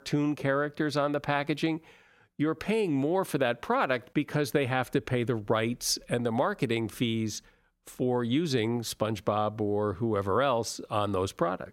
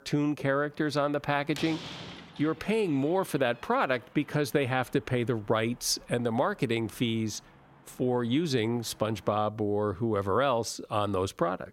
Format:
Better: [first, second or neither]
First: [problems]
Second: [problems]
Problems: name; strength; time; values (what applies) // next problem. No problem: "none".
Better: first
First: none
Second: door banging; noticeable; from 1 to 9.5 s; peak 10 dB below the speech